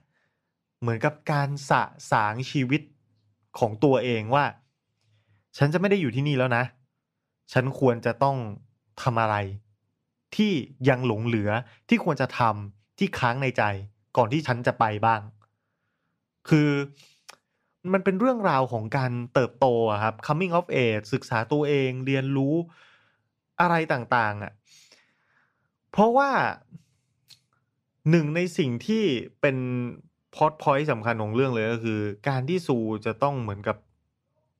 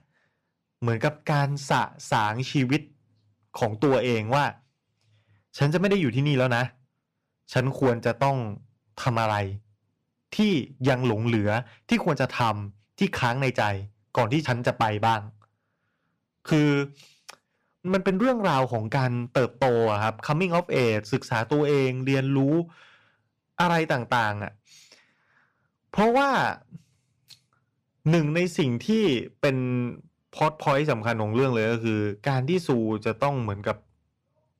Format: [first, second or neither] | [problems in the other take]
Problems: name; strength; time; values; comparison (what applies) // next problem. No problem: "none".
first | distortion; slight; 5% of the sound clipped